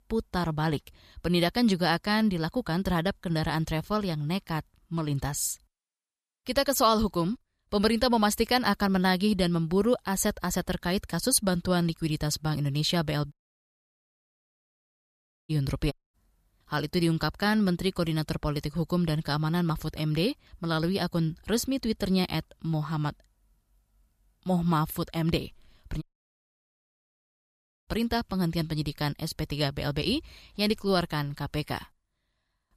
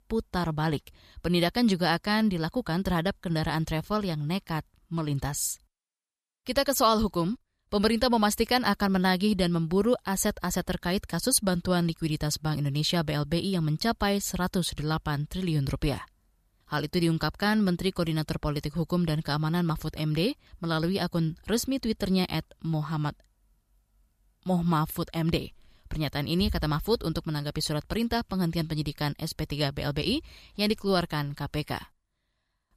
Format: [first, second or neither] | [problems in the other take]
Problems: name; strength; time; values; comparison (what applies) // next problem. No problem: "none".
second | audio cutting out; at 13 s for 2 s, at 16 s and at 26 s for 2 s